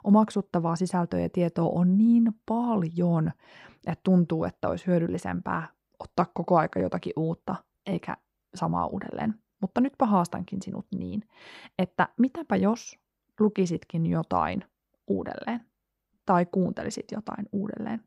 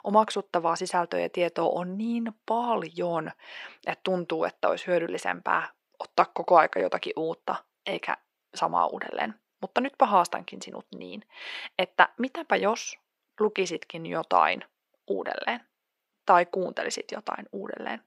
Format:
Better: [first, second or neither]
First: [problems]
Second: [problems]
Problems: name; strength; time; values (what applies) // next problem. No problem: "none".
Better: first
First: none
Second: thin; very; fading below 500 Hz